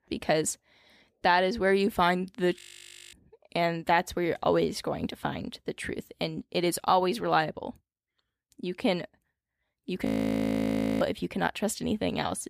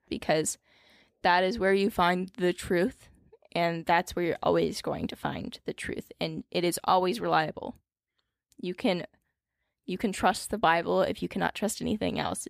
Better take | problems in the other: second | audio freezing; at 2.5 s for 0.5 s and at 10 s for 1 s

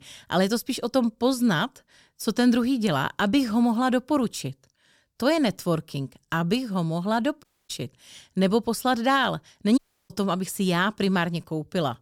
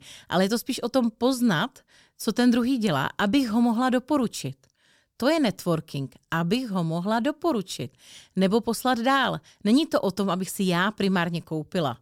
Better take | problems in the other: second | audio cutting out; at 7.5 s and at 10 s

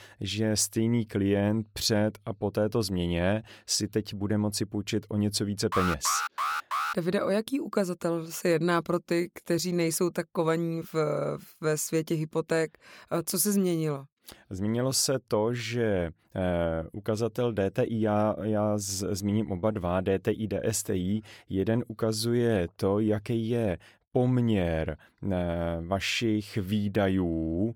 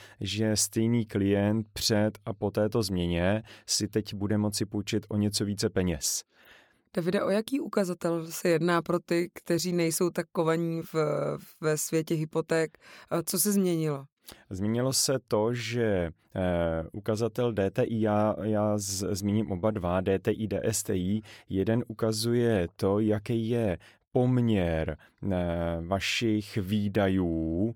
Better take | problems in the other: second | alarm; noticeable; from 5.5 to 7 s; peak 1 dB below the speech

